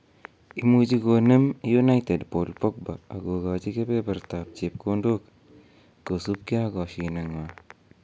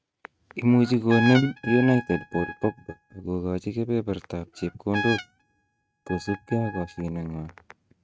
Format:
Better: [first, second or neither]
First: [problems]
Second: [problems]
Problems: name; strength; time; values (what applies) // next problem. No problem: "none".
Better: first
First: none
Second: noise reduction (neural mask model RNNoise)